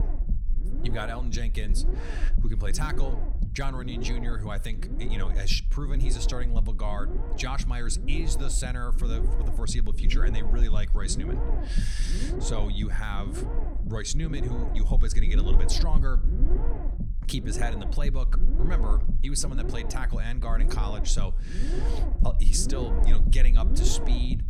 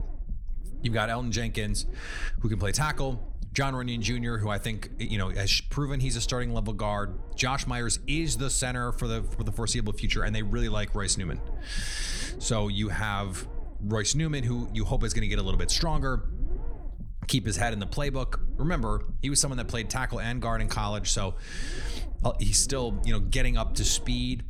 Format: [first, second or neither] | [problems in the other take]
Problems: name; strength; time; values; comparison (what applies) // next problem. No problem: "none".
second | low rumble; loud; throughout; 7 dB below the speech; faint in the second